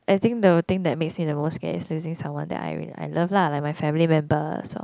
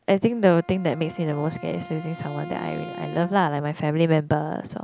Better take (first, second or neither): first